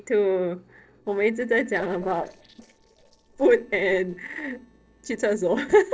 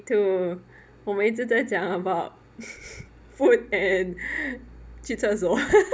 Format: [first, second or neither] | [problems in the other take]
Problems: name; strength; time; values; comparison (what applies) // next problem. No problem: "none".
second | noise reduction (neural separator model SepFormer DNS4)